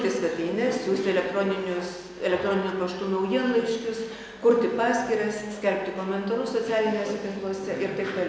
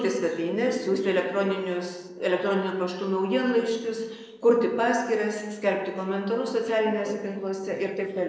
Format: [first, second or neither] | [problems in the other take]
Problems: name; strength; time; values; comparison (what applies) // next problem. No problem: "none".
first | noise reduction (neural mask model Resemble Enhance denoiser)